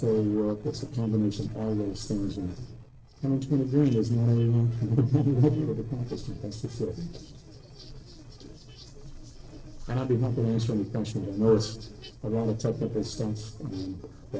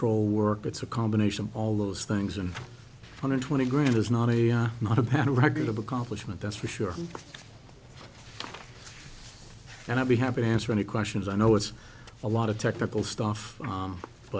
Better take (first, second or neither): second